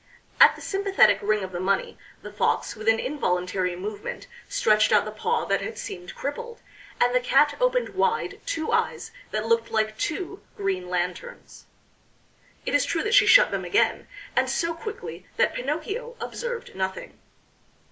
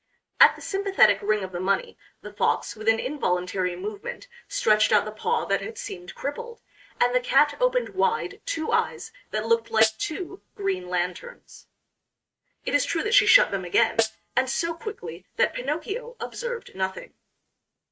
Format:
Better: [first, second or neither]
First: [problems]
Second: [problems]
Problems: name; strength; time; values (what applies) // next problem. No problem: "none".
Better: first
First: none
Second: noise reduction (neural mask model RNNoise)